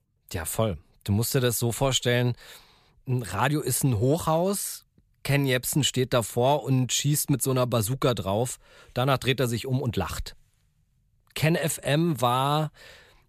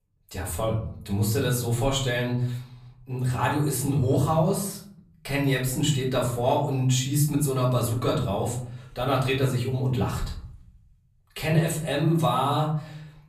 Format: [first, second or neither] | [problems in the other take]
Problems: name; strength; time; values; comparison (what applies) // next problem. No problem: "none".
first | off-mic speech; far // room echo; slight; dies away in 0.6 s